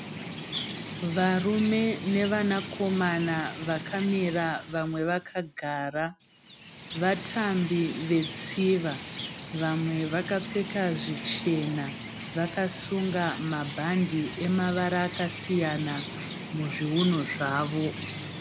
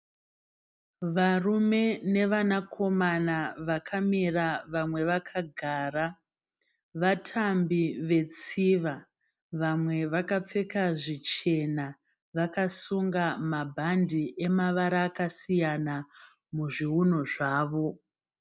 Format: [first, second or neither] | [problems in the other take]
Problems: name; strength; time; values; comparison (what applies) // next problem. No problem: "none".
second | background sound (Chirp, tweet); 9 dB below the speech